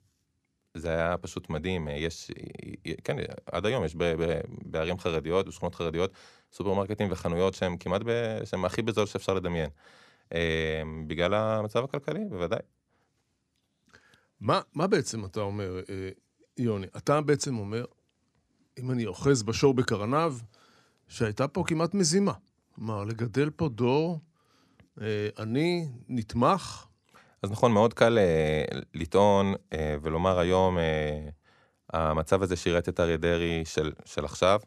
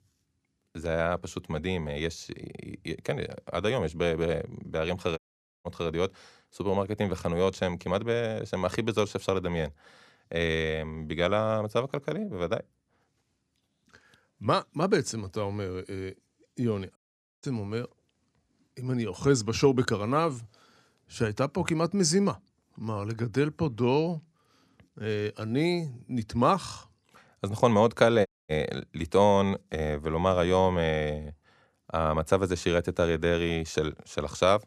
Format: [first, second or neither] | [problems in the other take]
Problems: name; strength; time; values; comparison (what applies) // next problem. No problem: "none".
first | audio cutting out; at 5 s, at 17 s and at 28 s